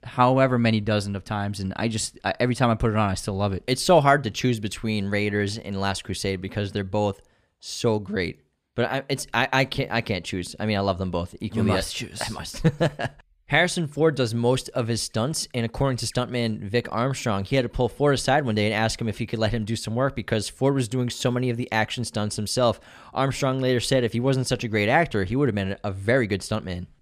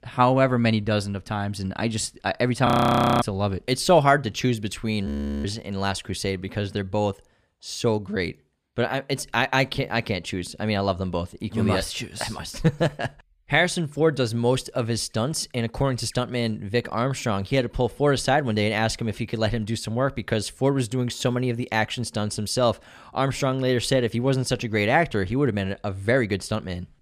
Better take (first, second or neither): first